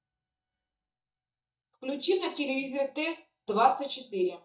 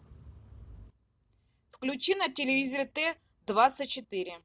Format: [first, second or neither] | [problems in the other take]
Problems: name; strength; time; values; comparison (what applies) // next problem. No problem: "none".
second | noise reduction (neural mask model DeepFilterNet 3)